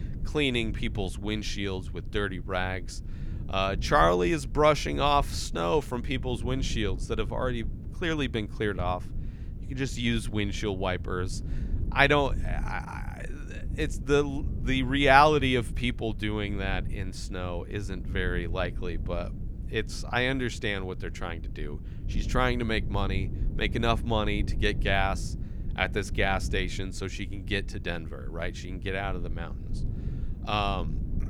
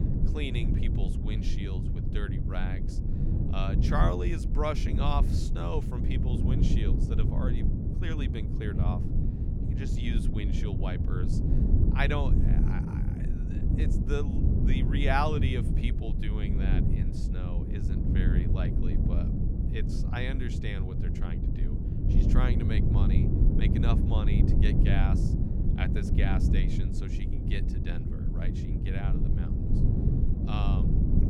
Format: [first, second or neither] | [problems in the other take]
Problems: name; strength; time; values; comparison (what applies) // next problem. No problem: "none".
first | low rumble; loud; throughout; 3 dB below the speech; faint in the first